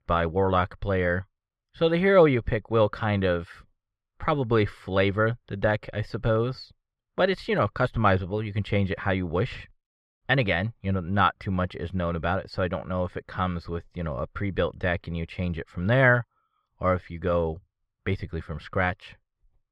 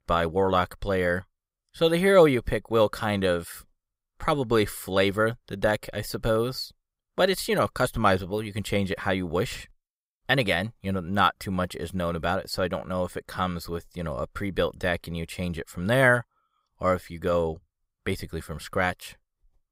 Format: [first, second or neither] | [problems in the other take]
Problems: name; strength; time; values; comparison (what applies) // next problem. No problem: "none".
second | muffled; slightly; fading above 2.5 kHz